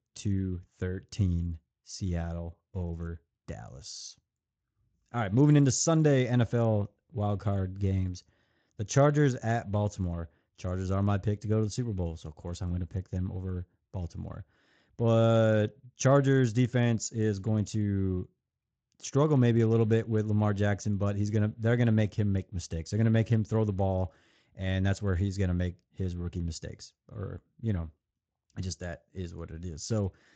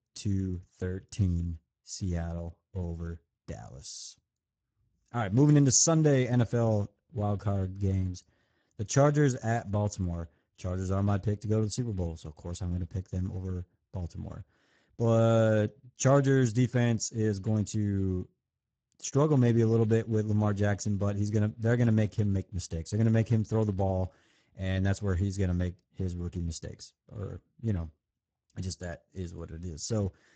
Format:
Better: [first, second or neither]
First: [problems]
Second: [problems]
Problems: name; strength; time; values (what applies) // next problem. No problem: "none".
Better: first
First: garbled, watery; slightly; nothing above 7.5 kHz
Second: garbled, watery; badly